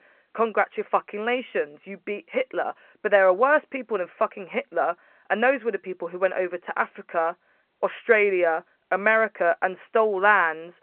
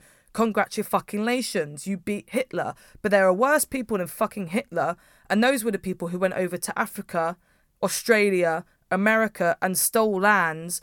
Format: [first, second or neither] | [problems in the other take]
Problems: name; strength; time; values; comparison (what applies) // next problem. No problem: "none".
second | phone-call audio